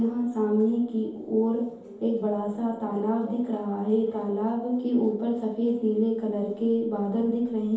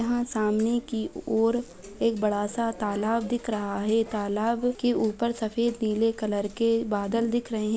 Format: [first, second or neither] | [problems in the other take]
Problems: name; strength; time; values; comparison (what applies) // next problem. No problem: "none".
second | room echo; dies away in 0.8 s